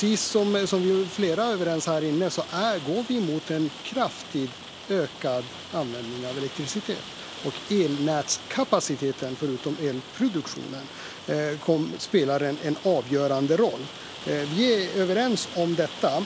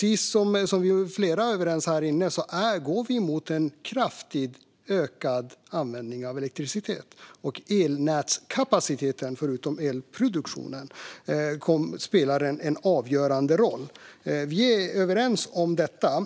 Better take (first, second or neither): second